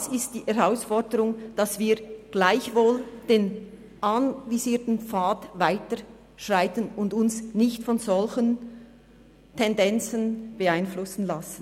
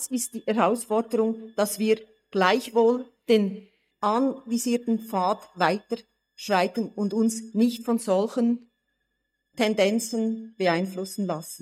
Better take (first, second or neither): first